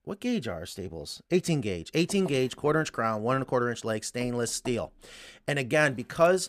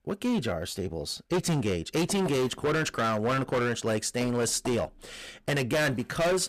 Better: first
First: none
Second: distortion; heavy; 17% of the sound clipped

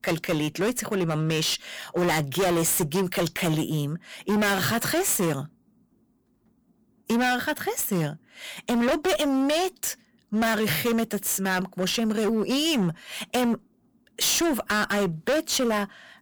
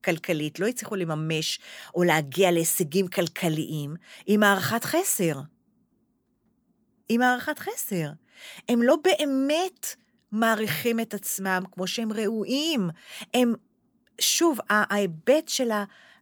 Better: second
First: distortion; heavy; 20% of the sound clipped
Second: none

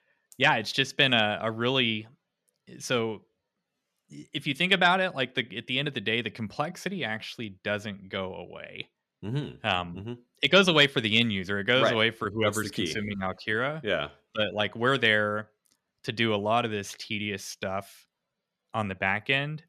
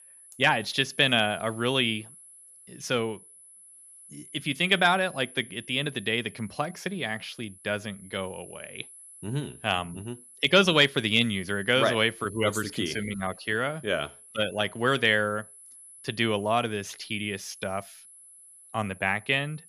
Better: first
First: none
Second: high-pitched whine; faint; throughout; 10 kHz, 20 dB below the speech

